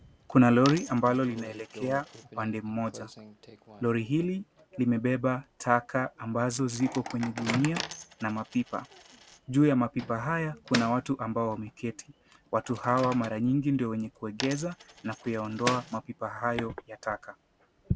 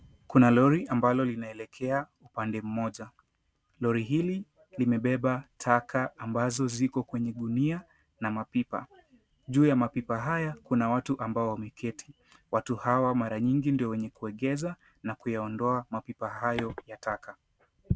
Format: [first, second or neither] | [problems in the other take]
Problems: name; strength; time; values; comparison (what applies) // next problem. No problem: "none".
second | background sound (Microwave oven + Coin (dropping)); 14 dB below the speech